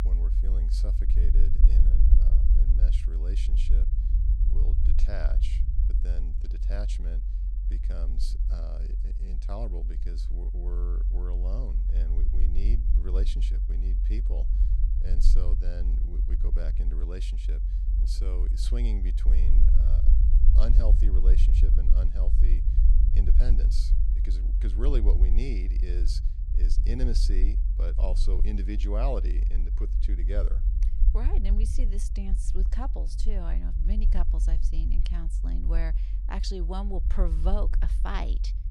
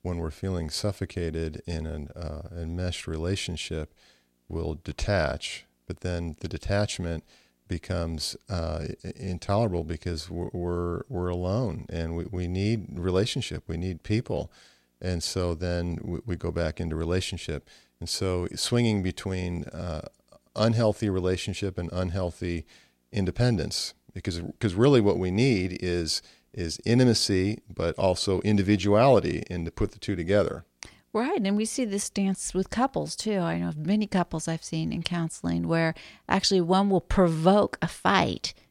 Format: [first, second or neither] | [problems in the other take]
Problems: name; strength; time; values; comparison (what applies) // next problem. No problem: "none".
second | low rumble; loud; throughout; 7 dB below the speech